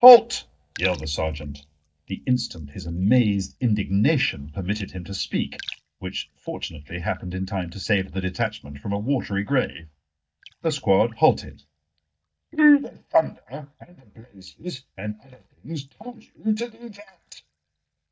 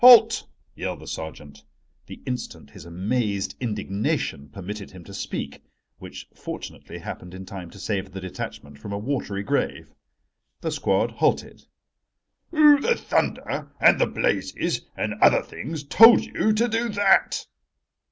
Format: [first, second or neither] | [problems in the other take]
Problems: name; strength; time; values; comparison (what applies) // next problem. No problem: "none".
second | noise reduction (neural mask model DeepFilterNet 3)